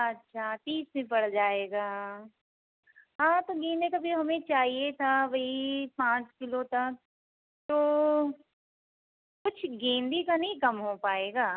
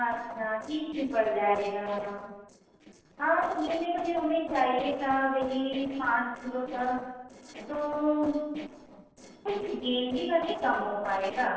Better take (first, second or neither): first